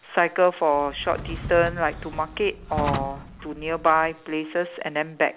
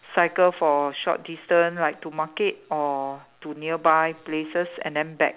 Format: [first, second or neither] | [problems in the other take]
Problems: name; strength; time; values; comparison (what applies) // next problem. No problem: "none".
second | background sound (Drawer open or close); 10 dB below the speech